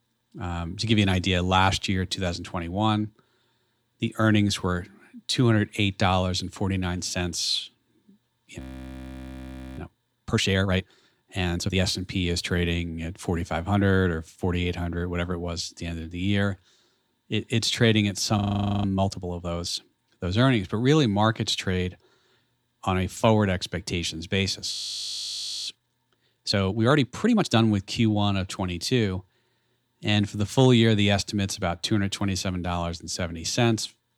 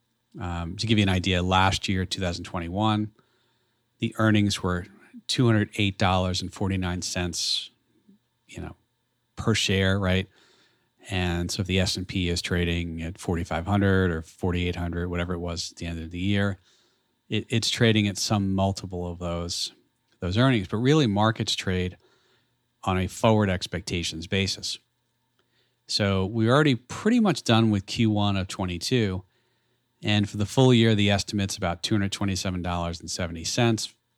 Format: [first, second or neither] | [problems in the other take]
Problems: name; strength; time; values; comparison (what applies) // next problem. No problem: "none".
second | audio freezing; at 8.5 s for 1 s, at 18 s and at 25 s for 1 s